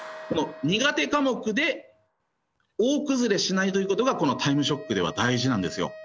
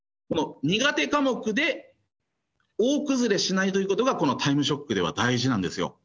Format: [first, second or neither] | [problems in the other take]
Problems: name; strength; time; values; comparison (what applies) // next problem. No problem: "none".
second | background sound (Wind instrument, woodwind instrument + Clapping); 19 dB below the speech